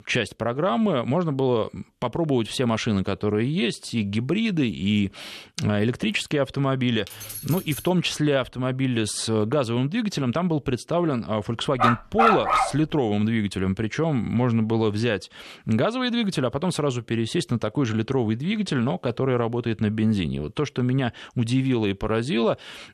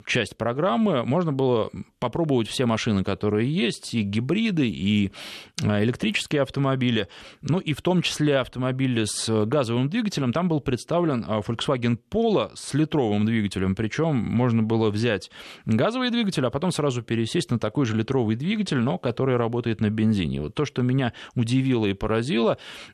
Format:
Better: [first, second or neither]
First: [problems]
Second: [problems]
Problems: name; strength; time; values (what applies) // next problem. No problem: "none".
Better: second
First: jangling keys; faint; at 7 s; peak 10 dB below the speech // dog barking; loud; at 12 s; peak 5 dB above the speech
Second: none